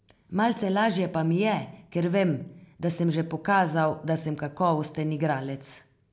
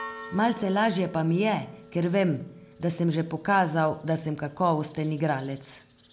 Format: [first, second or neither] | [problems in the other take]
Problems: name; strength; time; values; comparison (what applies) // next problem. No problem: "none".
first | background sound (Church bell); 20 dB below the speech